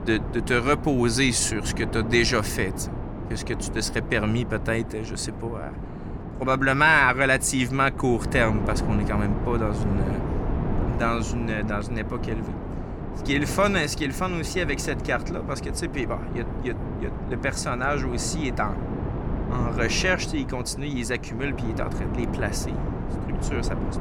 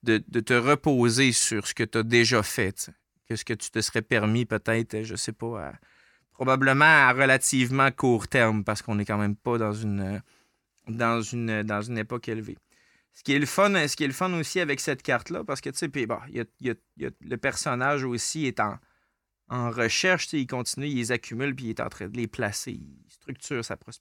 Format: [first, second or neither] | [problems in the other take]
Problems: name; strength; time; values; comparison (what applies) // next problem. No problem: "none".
second | wind noise on the microphone; occasional gusts; 10 dB below the speech